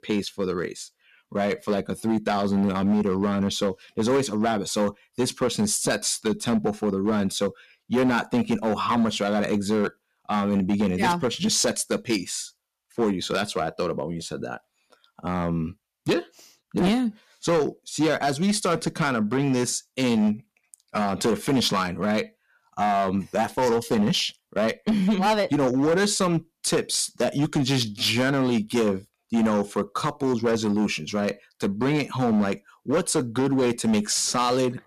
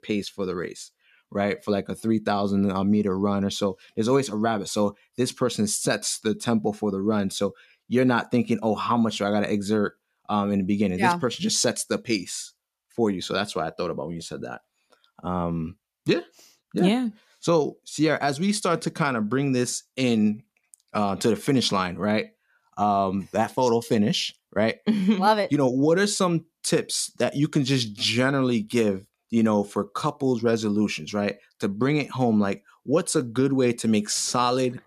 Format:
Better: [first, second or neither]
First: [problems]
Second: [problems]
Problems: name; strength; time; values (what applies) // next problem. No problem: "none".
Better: second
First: distortion; slight; 9% of the sound clipped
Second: none